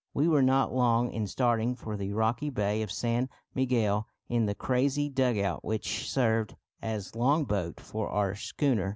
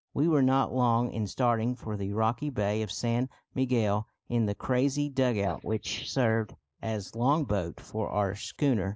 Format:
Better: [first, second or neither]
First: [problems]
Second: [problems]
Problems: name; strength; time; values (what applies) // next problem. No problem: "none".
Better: first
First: none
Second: noise reduction (neural mask model Resemble Enhance denoiser)